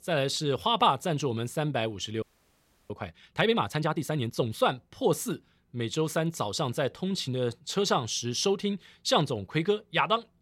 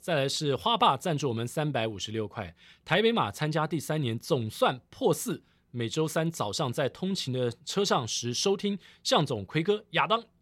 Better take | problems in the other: second | audio freezing; at 2 s for 0.5 s

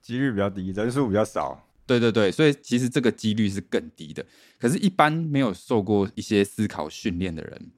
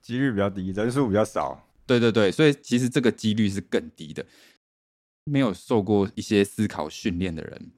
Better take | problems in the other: first | audio cutting out; at 4.5 s for 0.5 s

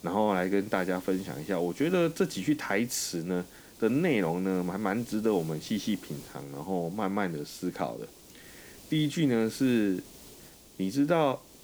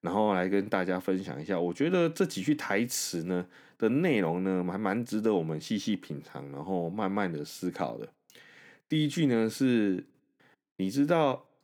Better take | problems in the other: second | hiss; noticeable; throughout; 20 dB below the speech

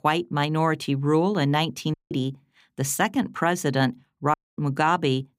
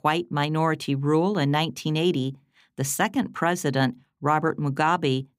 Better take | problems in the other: second | audio cutting out; at 2 s and at 4.5 s

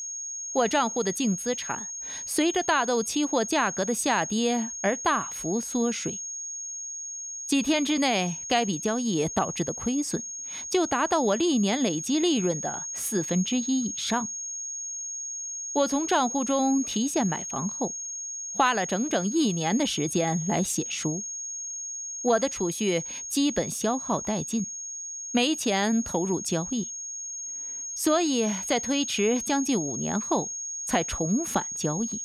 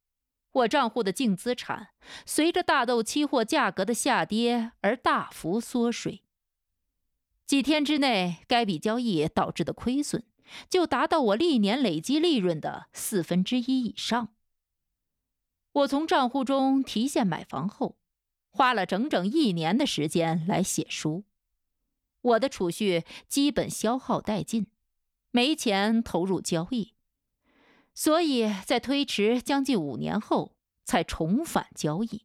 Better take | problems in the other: second | high-pitched whine; loud; throughout; 6.5 kHz, 6 dB below the speech

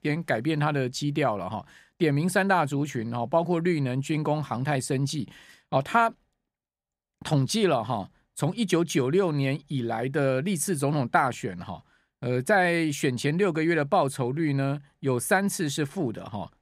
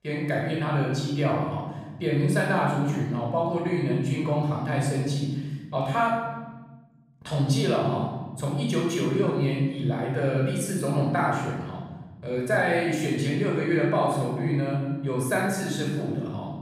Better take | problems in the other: first | room echo; noticeable; dies away in 1.4 s // off-mic speech; far

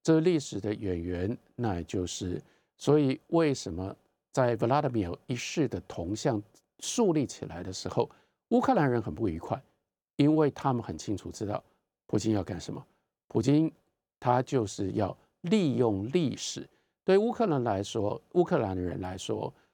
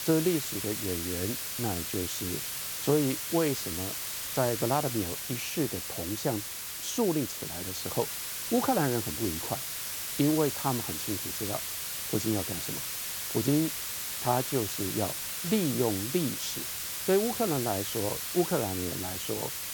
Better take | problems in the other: first | hiss; loud; throughout; 1 dB below the speech

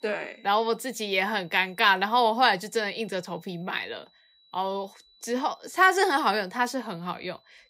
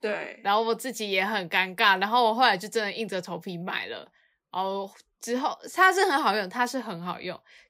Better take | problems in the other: second | high-pitched whine; faint; throughout; 4 kHz, 35 dB below the speech

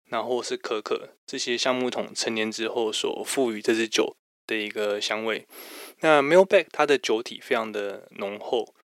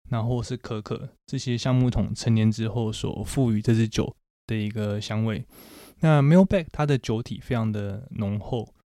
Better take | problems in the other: second | thin; very; fading below 350 Hz

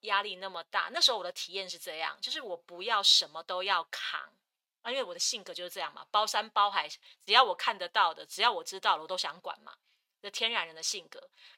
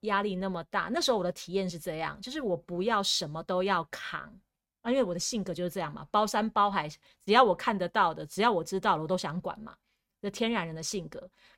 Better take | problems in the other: second | thin; very; fading below 750 Hz

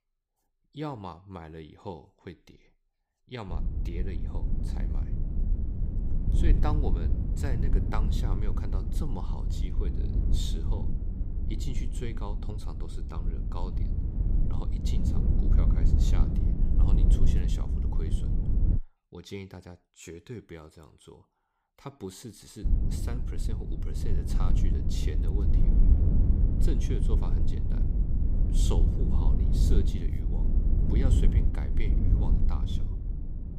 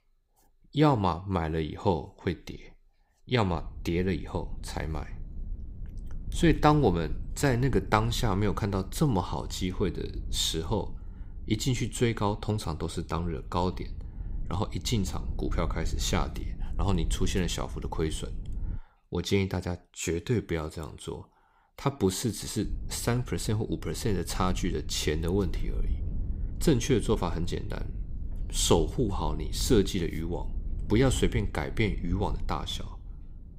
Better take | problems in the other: second | low rumble; loud; from 3.5 to 19 s and from 23 s on; as loud as the speech; faint in the second

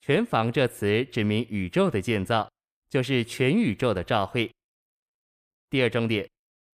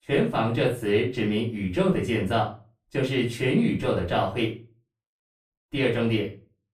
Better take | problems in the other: first | off-mic speech; far // room echo; slight; dies away in 0.3 s

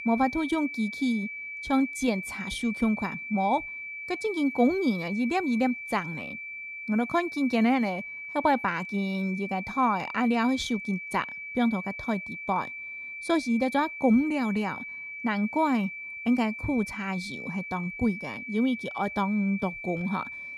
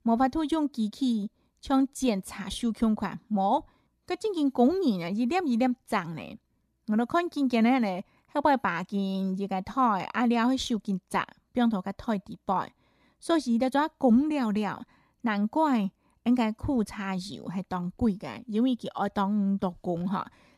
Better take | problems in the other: second | high-pitched whine; loud; throughout; 2.5 kHz, 8 dB below the speech

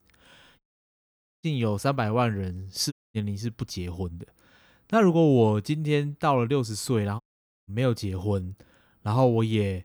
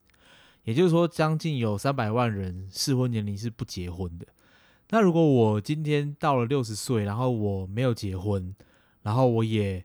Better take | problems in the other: second | audio cutting out; at 0.5 s for 1 s, at 3 s and at 7 s

